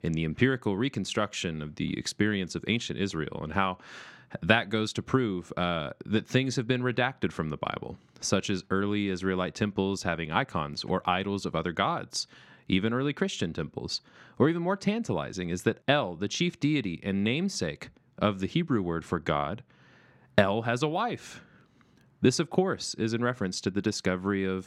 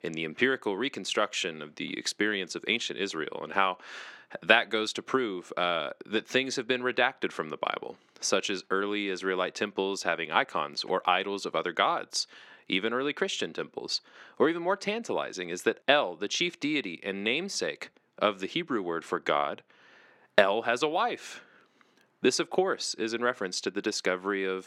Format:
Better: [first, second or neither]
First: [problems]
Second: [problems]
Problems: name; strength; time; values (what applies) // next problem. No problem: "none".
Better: first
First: none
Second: thin; somewhat; fading below 400 Hz